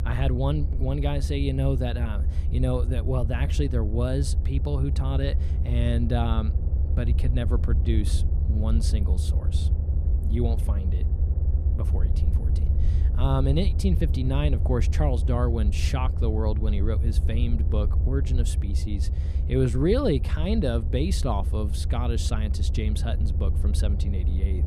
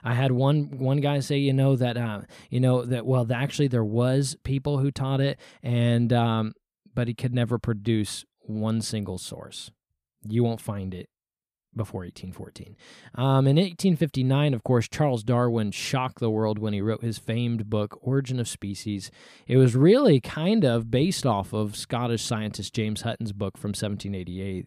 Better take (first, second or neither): second